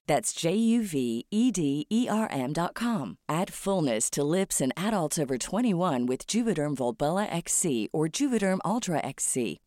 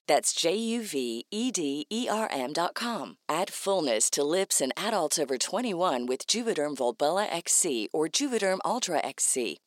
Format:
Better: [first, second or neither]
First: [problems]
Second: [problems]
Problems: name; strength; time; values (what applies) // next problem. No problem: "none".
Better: first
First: none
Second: thin; somewhat; fading below 400 Hz